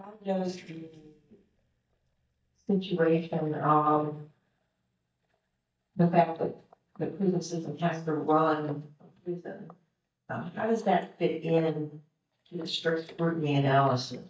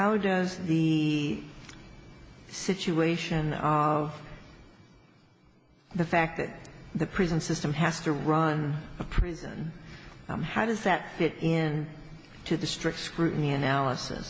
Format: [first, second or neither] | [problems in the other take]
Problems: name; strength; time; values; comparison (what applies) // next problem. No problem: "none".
second | noise reduction (neural mask model DeepFilterNet 3)